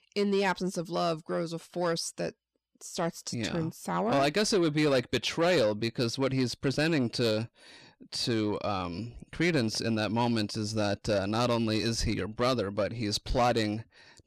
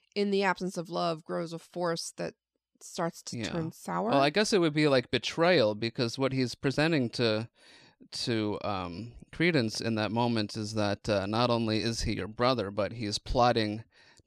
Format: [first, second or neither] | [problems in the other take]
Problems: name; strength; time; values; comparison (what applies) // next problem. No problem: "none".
second | distortion; slight; 10 dB below the speech